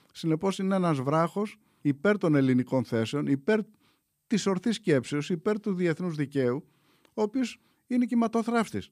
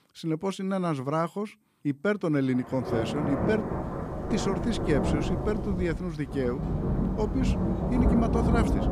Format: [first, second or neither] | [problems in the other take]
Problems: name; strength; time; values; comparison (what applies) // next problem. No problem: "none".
first | rain or running water; very loud; from 2.5 s on; as loud as the speech